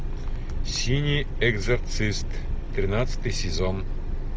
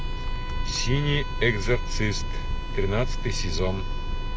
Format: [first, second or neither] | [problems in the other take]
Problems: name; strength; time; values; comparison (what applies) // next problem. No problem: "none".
first | background sound (Bowed string instrument); 16 dB below the speech